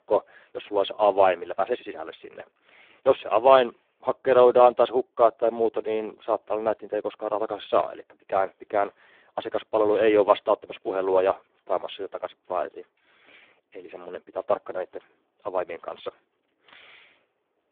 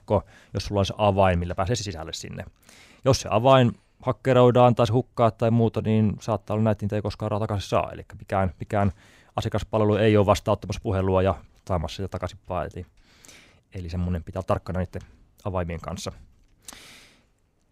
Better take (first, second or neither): second